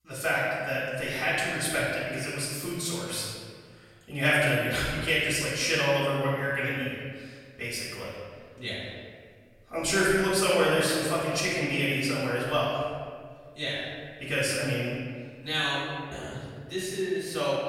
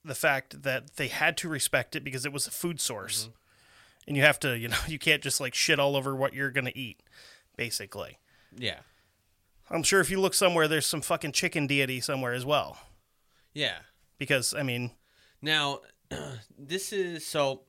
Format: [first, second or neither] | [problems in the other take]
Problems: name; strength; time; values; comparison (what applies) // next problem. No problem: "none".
second | off-mic speech; far // room echo; strong; dies away in 1.7 s